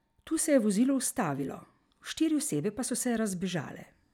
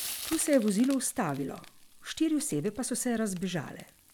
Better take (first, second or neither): first